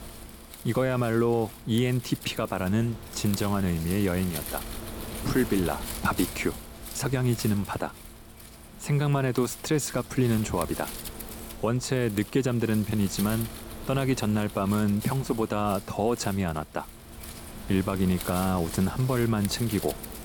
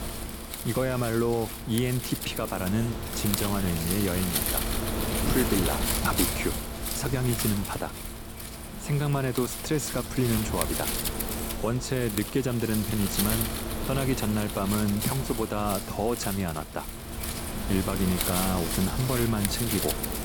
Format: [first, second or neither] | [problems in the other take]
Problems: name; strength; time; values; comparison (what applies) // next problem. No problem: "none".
first | wind noise on the microphone; heavy; 2 dB below the speech; occasional gusts in the first